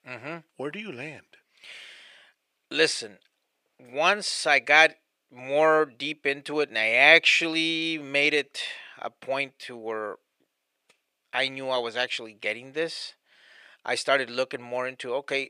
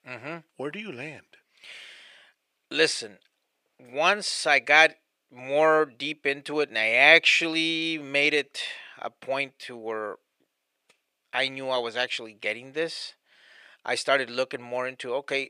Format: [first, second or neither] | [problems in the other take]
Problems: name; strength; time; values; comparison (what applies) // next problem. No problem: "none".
neither | thin; somewhat; fading below 350 Hz; the same in both